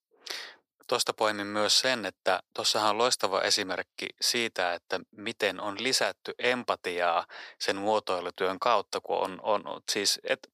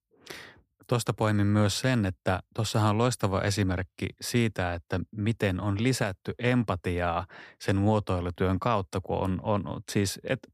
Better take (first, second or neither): second